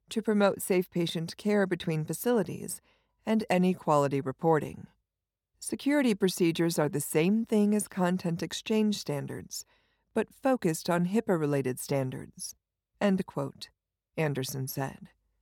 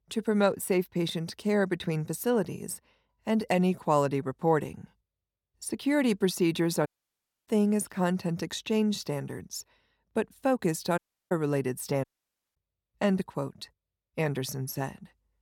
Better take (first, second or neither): first